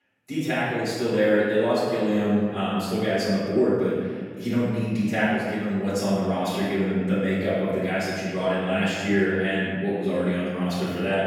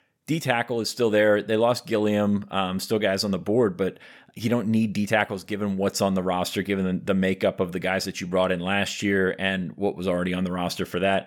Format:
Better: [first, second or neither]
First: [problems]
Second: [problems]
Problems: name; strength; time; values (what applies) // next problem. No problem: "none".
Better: second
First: room echo; strong; dies away in 1.7 s // off-mic speech; far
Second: none